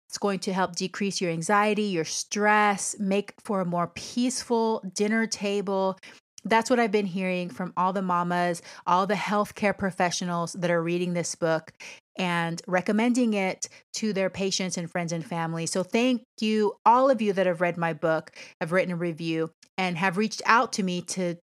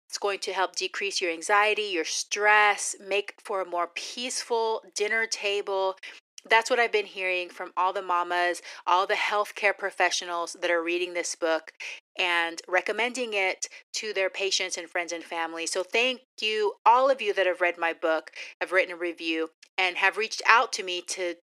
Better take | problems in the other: first | thin; very; fading below 350 Hz

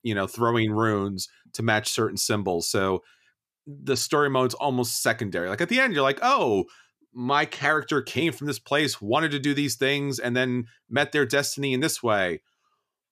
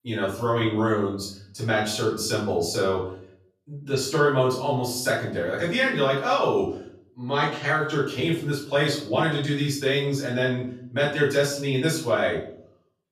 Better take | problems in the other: first | off-mic speech; far // room echo; noticeable; dies away in 0.5 s

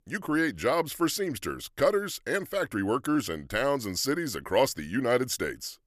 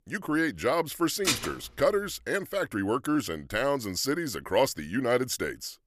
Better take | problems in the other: first | clattering dishes; loud; at 1.5 s; peak 1 dB above the speech

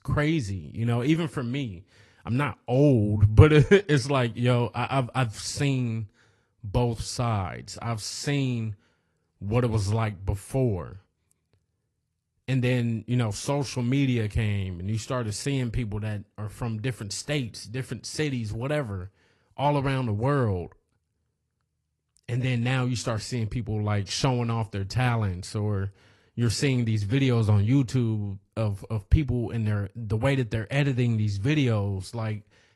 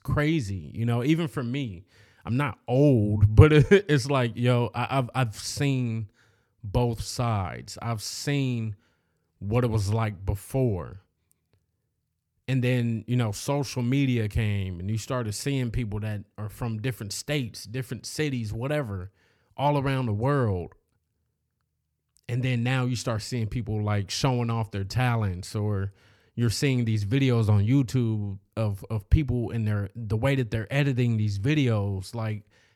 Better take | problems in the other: second | garbled, watery; slightly; nothing above 11.5 kHz

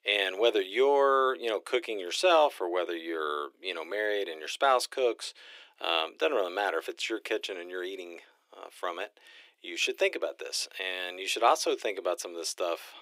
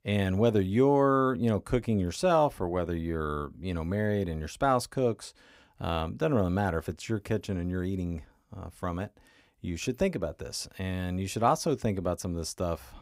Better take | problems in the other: second | thin; very; fading below 350 Hz

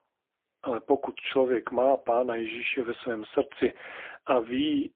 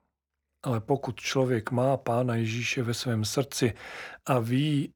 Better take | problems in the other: second | phone-call audio; poor line; nothing above 3 kHz

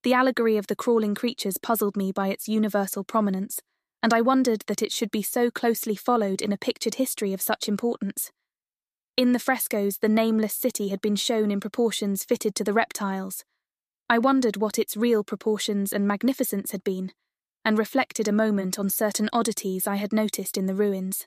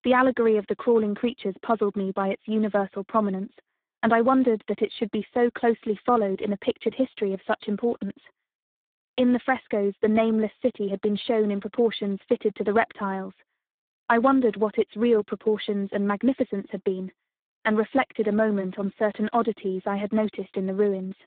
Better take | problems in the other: first | phone-call audio; poor line; nothing above 3.5 kHz

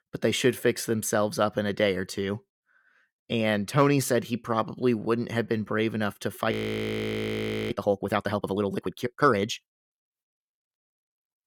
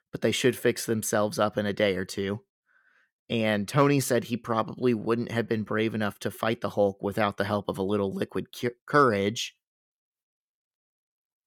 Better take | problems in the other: second | audio freezing; at 6.5 s for 1 s

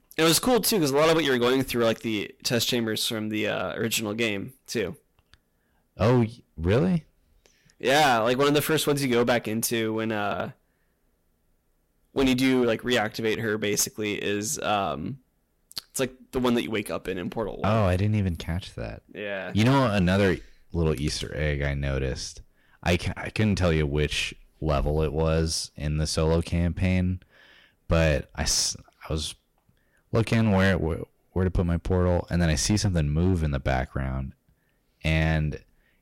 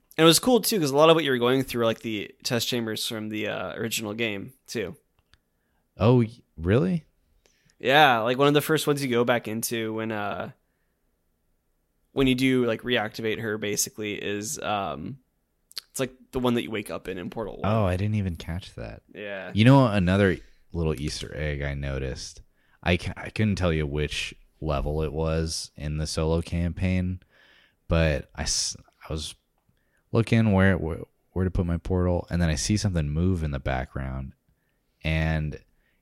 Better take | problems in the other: second | distortion; heavy; 7% of the sound clipped

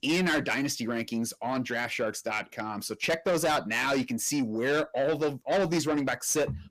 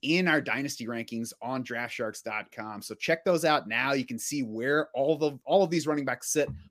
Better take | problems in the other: second | distortion; heavy; 7 dB below the speech

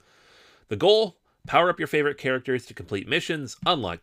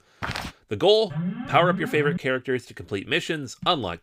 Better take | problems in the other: first | footsteps; noticeable; at the start; peak 7 dB below the speech // alarm; noticeable; from 1 to 2 s; peak 6 dB below the speech

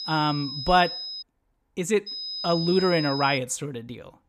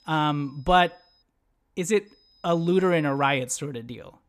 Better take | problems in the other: second | high-pitched whine; loud; until 1 s and from 2 to 3.5 s; 5 kHz, 7 dB below the speech; faint in the second

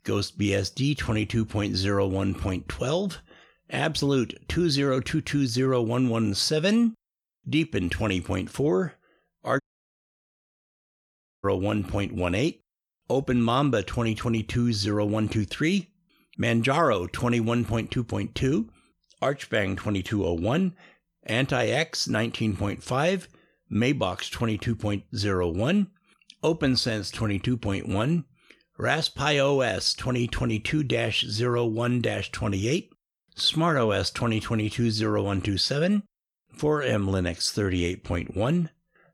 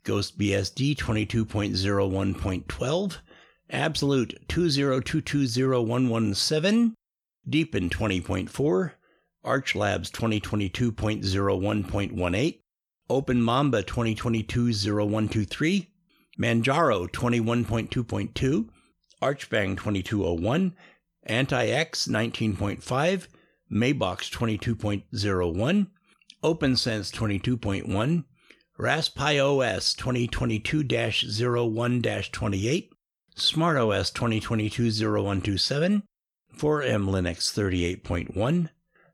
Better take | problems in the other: second | audio cutting out; at 9.5 s for 2 s

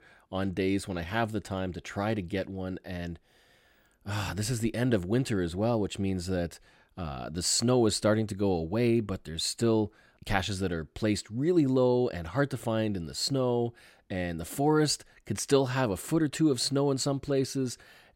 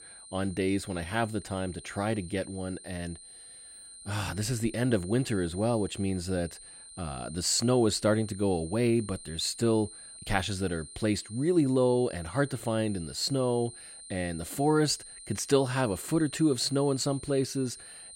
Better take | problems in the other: first | high-pitched whine; noticeable; throughout; 9 kHz, 15 dB below the speech

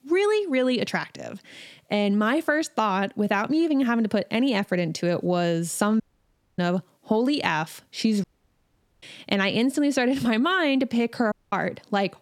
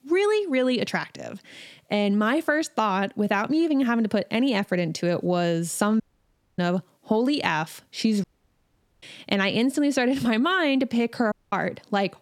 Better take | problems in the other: neither | audio cutting out; at 6 s for 0.5 s, at 8 s for 1 s and at 11 s; the same in both

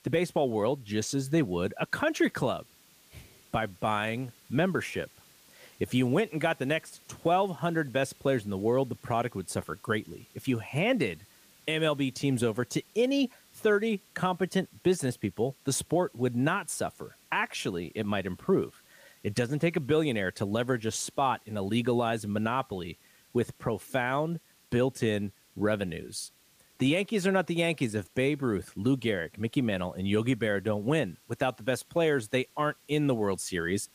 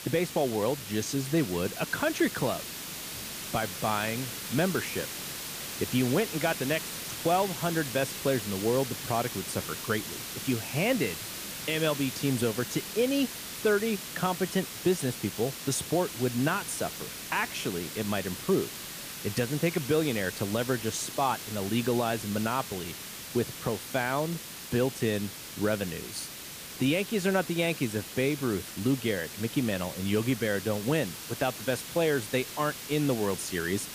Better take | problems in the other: first | hiss; loud; throughout; 7 dB below the speech; faint in the first

